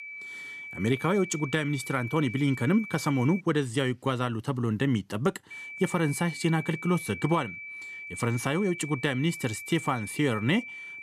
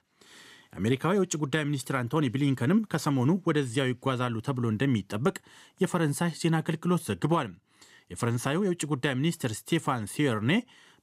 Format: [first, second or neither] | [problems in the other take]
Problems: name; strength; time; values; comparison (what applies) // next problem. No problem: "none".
second | high-pitched whine; noticeable; until 3.5 s and from 5.5 s on; 2.5 kHz, 10 dB below the speech